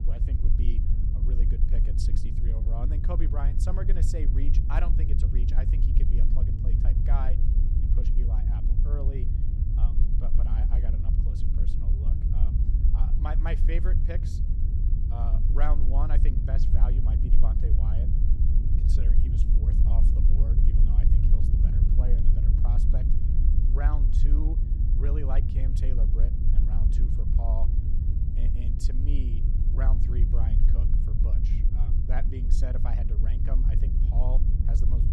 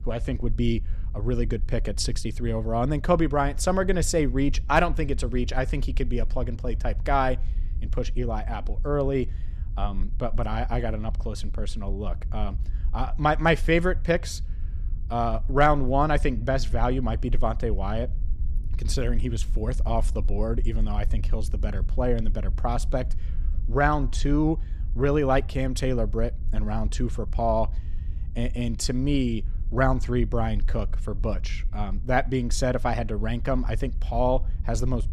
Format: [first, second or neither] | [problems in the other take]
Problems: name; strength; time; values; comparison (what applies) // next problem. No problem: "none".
second | low rumble; loud; throughout; 1 dB below the speech; faint in the second